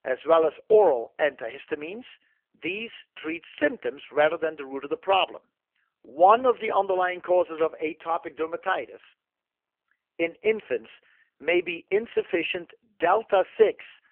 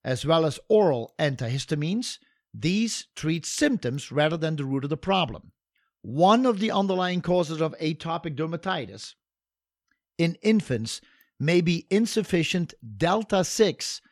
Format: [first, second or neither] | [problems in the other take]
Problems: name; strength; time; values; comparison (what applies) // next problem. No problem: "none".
second | phone-call audio; poor line; nothing above 3 kHz